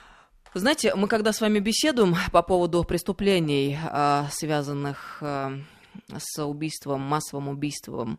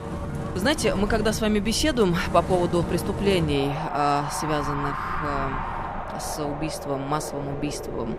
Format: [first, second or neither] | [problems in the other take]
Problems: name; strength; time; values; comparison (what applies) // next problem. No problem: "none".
first | wind in the background; loud; throughout; 6 dB below the speech